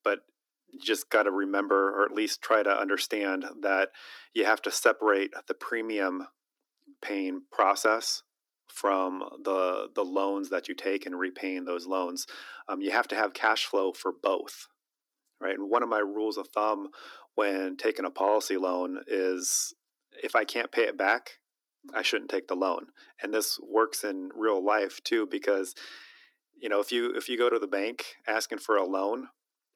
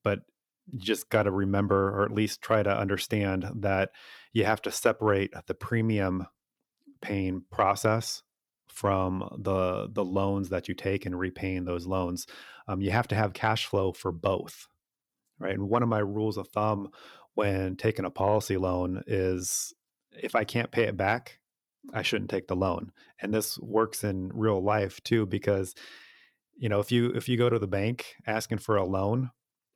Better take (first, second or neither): second